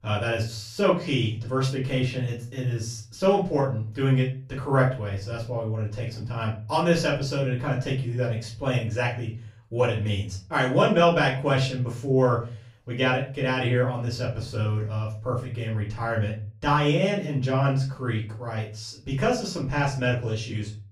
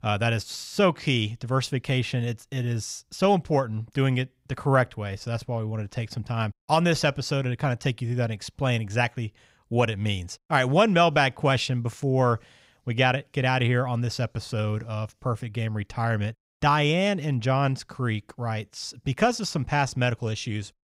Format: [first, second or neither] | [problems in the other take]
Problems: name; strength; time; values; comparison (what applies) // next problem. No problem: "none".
second | room echo; slight; dies away in 0.3 s // off-mic speech; far